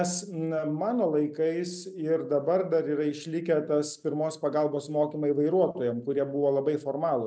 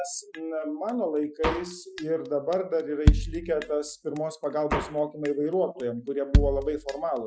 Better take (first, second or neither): first